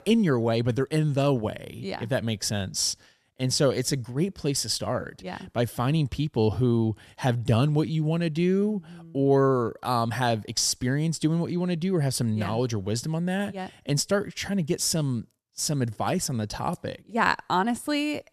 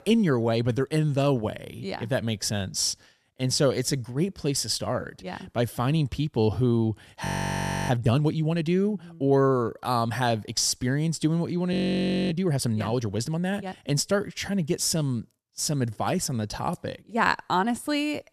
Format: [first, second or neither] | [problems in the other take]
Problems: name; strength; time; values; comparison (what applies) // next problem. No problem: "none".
first | audio freezing; at 7.5 s for 0.5 s and at 12 s for 0.5 s